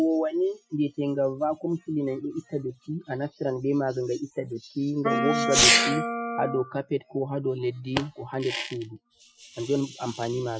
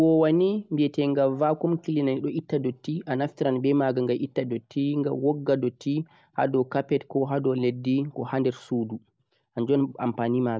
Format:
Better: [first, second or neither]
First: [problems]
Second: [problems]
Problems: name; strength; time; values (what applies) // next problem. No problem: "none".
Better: second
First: noise reduction (classical method Wiener filter)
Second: none